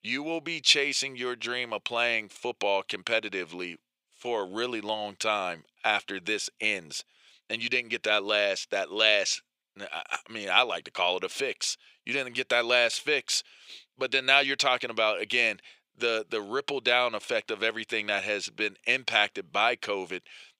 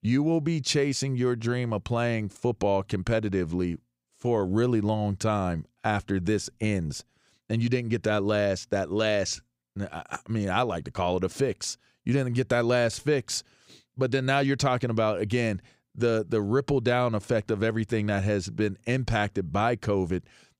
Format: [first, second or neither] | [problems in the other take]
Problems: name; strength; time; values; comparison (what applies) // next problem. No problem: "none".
second | thin; very; fading below 550 Hz